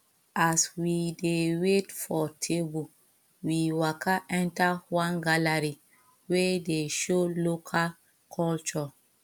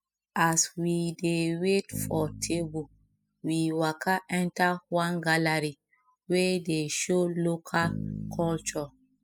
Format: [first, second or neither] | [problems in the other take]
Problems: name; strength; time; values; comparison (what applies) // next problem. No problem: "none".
first | noise reduction (classical method spectral subtraction)